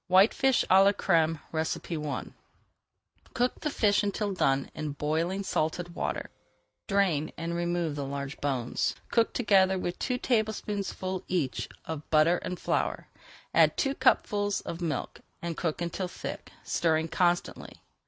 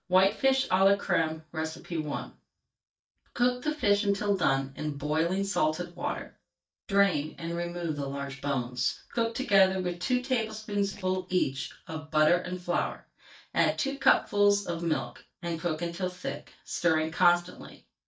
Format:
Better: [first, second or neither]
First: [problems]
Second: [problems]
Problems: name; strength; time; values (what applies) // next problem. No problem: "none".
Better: first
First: none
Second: noise reduction (neural mask model DeepFilterNet 3)